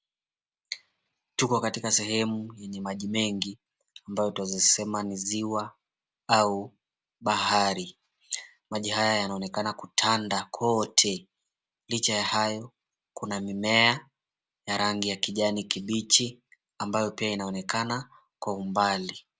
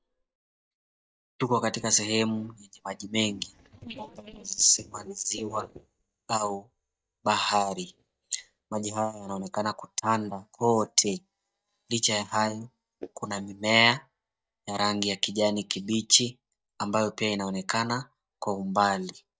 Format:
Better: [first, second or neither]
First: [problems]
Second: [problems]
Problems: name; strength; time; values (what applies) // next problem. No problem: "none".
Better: first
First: none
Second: noise reduction (neural mask model DeepFilterNet 3)